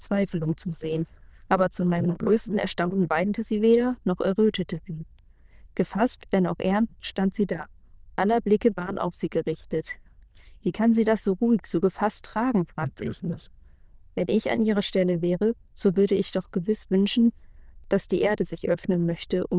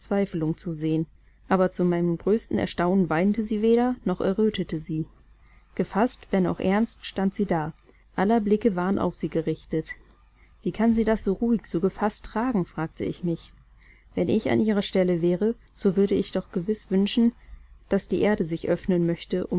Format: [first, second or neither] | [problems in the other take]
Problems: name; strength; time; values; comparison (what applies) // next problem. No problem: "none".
second | noise reduction (neural diffusion model UNIVERSE++)